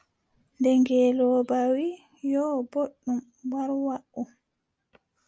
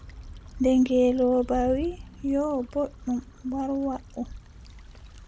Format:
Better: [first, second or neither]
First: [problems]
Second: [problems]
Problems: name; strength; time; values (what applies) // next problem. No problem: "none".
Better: first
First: none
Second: background sound (Stream / Trickle, dribble / Traffic noise, roadway noise); 15 dB below the speech